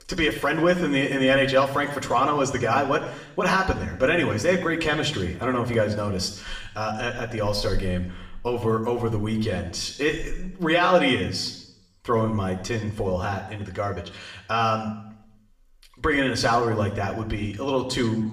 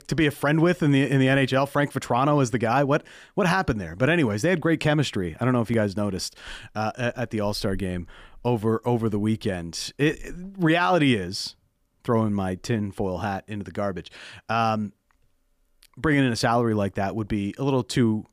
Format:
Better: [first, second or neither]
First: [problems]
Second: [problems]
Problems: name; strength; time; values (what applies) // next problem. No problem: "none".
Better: second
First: room echo; slight; dies away in 0.7 s // off-mic speech; somewhat distant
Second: none